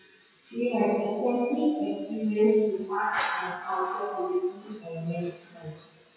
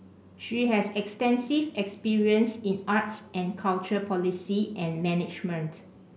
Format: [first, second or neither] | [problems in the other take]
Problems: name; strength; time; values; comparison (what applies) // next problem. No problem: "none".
second | noise reduction (classical method WPE with log-MMSE)